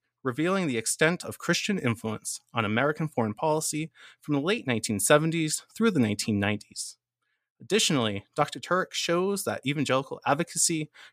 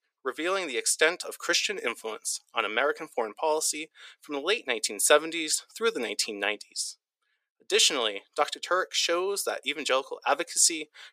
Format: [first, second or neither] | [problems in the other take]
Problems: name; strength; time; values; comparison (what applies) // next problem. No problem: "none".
first | thin; very; fading below 400 Hz